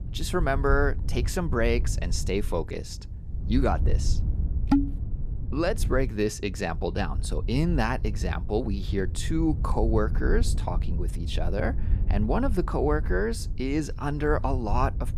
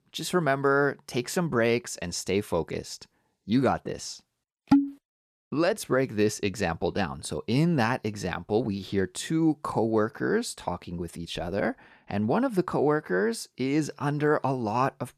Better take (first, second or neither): second